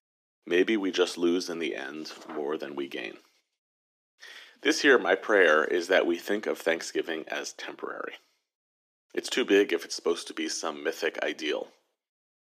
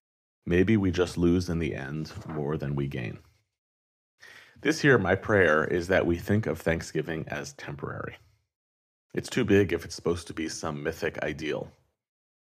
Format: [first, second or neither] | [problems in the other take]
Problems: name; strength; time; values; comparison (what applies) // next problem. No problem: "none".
second | thin; somewhat; fading below 300 Hz